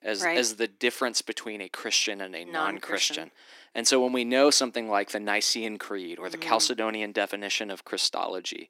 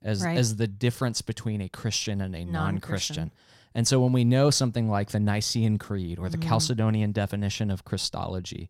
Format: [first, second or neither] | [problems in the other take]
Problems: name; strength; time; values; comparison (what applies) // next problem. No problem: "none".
second | thin; very; fading below 300 Hz